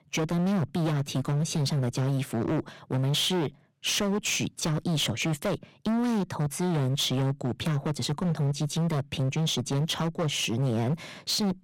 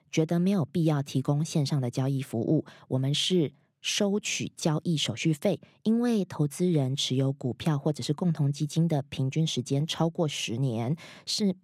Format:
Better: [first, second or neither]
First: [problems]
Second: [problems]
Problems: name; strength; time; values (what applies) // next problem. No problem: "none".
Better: second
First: distortion; heavy; 26% of the sound clipped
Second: none